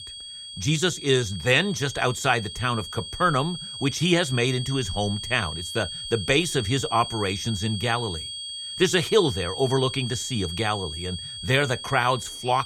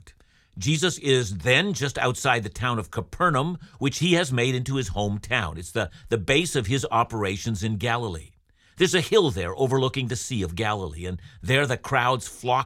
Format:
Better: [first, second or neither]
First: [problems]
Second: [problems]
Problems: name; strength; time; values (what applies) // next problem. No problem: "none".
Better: second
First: high-pitched whine; loud; throughout; 3.5 kHz, 8 dB below the speech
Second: none